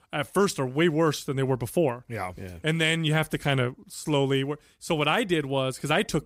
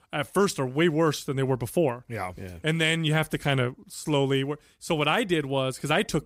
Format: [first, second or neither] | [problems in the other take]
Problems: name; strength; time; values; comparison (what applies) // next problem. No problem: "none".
neither | none